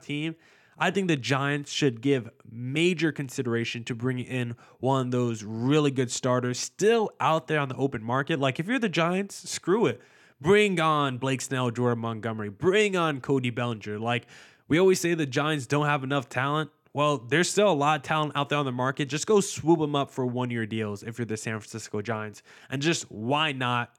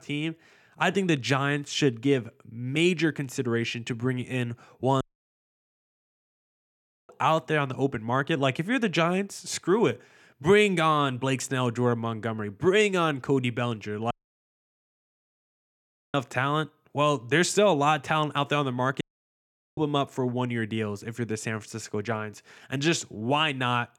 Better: first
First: none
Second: audio cutting out; at 5 s for 2 s, at 14 s for 2 s and at 19 s for 1 s

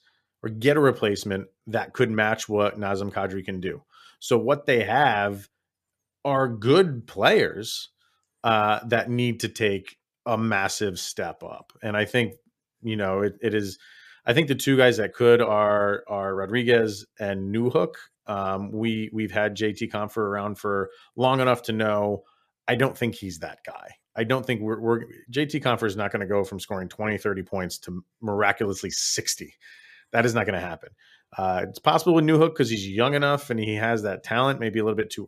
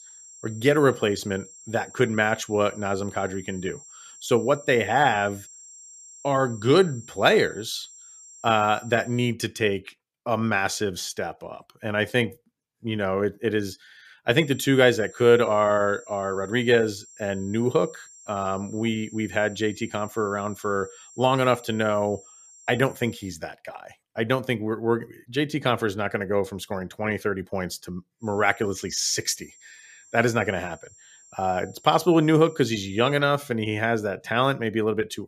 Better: first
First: none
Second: high-pitched whine; faint; until 9.5 s, from 14 to 23 s and from 28 to 33 s; 7.5 kHz, 20 dB below the speech

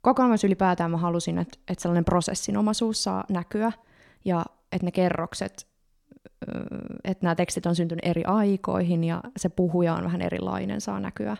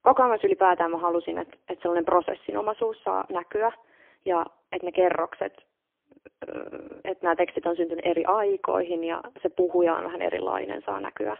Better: first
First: none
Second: phone-call audio; poor line; nothing above 3 kHz

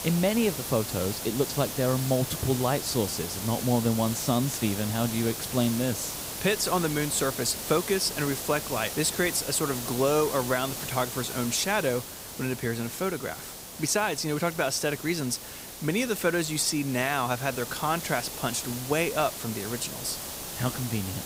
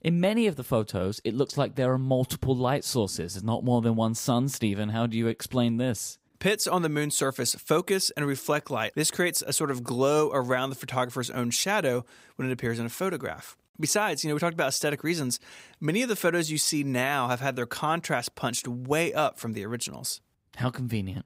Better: second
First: hiss; loud; throughout; 7 dB below the speech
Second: none

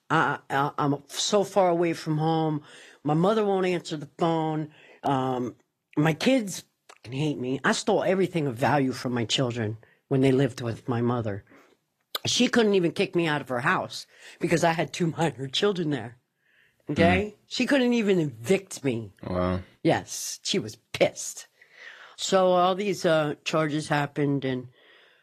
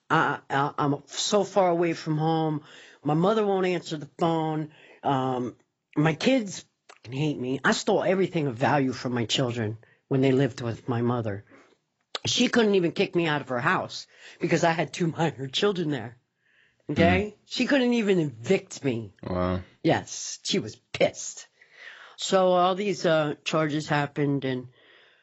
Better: first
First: garbled, watery; slightly; nothing above 14.5 kHz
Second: garbled, watery; badly; nothing above 7.5 kHz

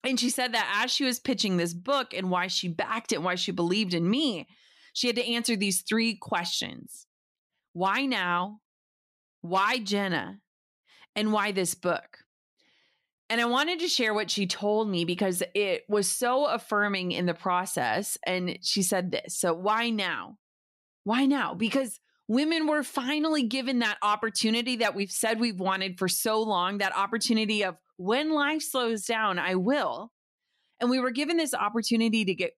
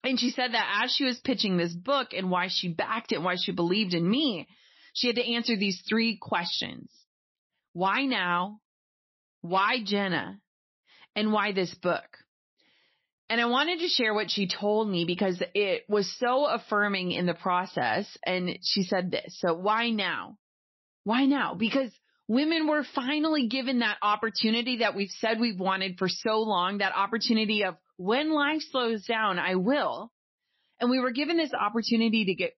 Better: first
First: none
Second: garbled, watery; slightly; nothing above 5.5 kHz

